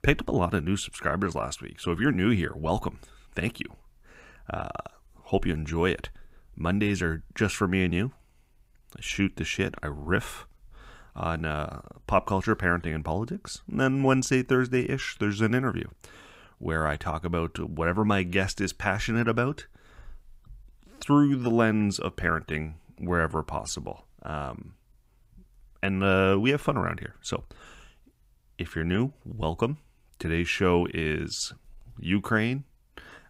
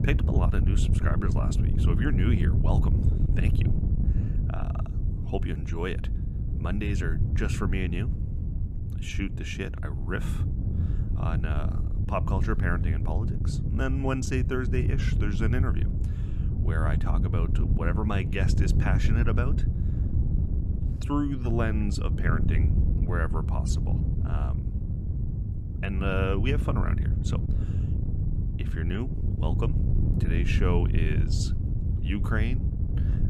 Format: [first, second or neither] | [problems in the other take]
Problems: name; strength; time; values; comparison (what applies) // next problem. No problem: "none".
first | wind noise on the microphone; heavy; 6 dB below the speech